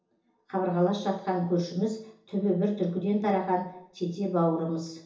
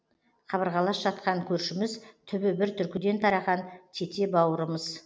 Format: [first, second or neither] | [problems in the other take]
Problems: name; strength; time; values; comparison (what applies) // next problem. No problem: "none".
second | room echo; dies away in 0.7 s